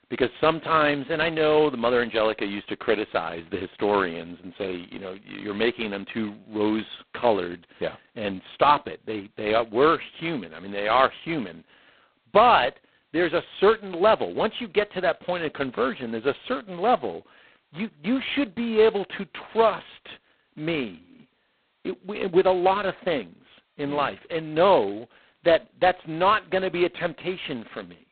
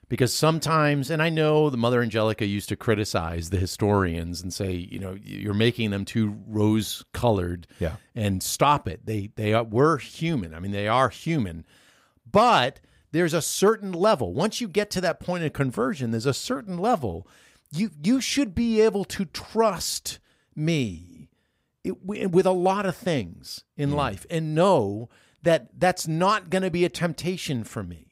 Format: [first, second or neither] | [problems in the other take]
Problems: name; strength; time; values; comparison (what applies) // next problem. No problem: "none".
second | phone-call audio; poor line; nothing above 4 kHz